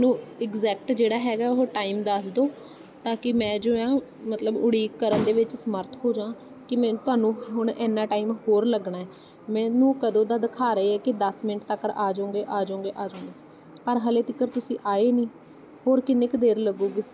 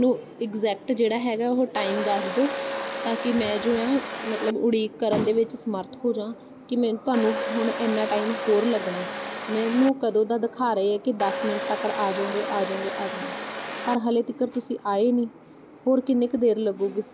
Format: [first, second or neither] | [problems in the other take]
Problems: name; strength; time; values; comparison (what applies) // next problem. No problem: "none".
first | background sound (Domestic sounds, home sounds); 6 dB below the speech